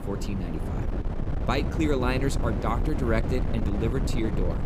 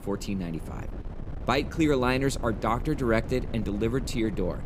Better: second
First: wind noise on the microphone; heavy; 6 dB below the speech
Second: wind noise on the microphone; occasional gusts; 15 dB below the speech

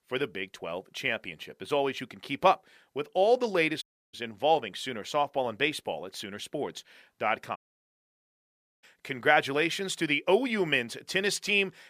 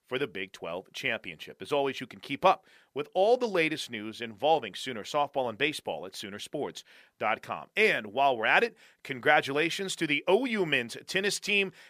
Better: second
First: audio cutting out; at 4 s and at 7.5 s for 1.5 s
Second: none

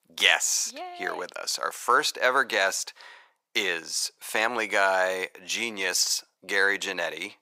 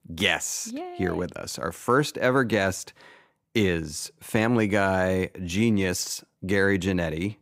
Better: second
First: thin; very; fading below 800 Hz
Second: none

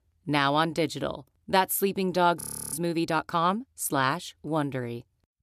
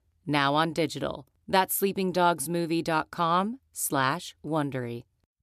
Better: second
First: audio freezing; at 2.5 s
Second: none

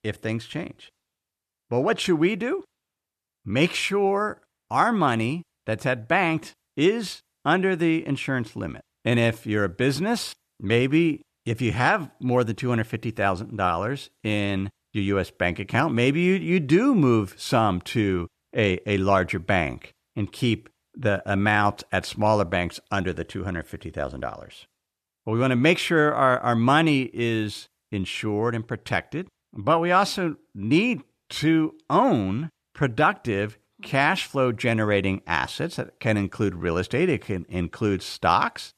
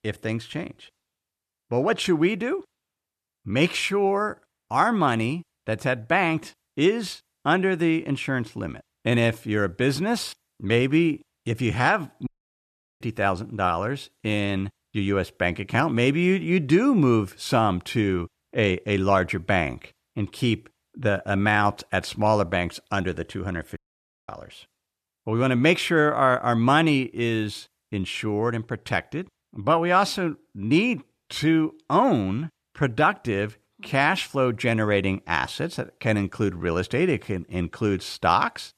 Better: first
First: none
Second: audio cutting out; at 12 s for 0.5 s and at 24 s for 0.5 s

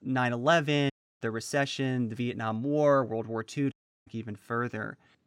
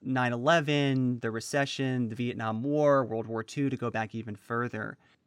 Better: second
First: audio cutting out; at 1 s and at 3.5 s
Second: none

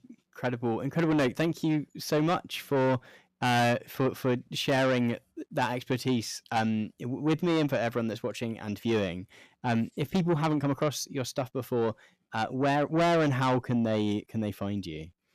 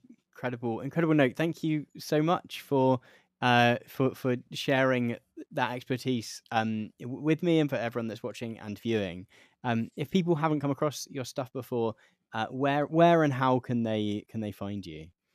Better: second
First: distortion; heavy; 8 dB below the speech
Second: none

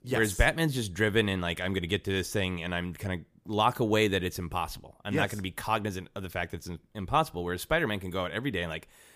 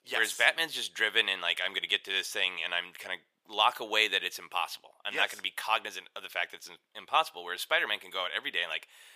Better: first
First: none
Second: thin; very; fading below 750 Hz

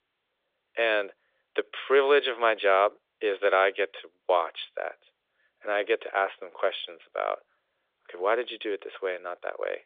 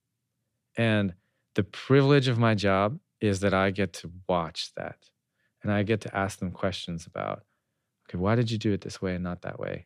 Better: second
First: phone-call audio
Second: none

